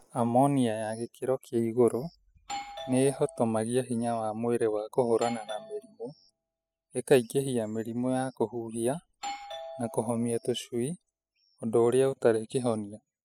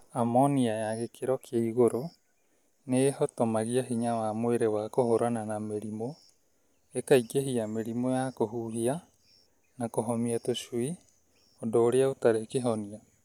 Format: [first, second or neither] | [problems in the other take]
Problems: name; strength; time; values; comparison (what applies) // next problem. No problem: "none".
second | noise reduction (classical method spectral subtraction)